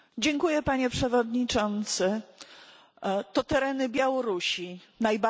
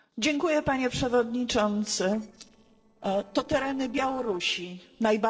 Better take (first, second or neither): first